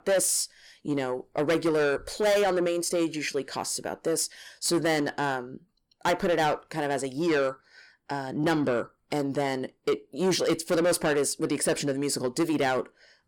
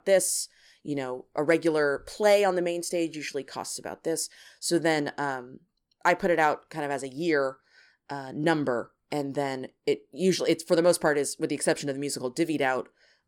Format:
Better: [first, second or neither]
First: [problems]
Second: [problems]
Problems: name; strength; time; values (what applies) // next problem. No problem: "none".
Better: second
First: distortion; heavy; 8 dB below the speech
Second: none